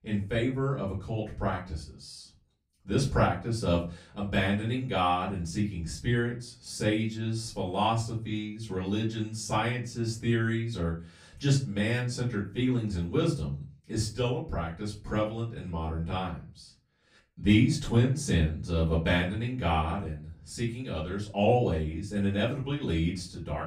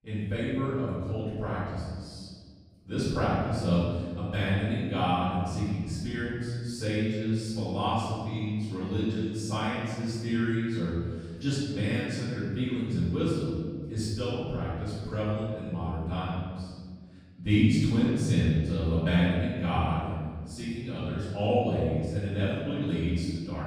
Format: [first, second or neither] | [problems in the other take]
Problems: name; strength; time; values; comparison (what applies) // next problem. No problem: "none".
first | room echo; strong; dies away in 1.8 s; slight in the first // off-mic speech; far; far in the first